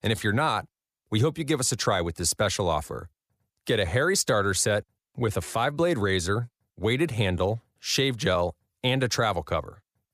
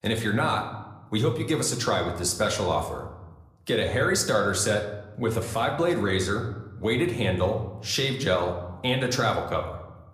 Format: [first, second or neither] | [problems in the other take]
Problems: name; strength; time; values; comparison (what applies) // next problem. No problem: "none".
first | room echo; slight; dies away in 0.7 s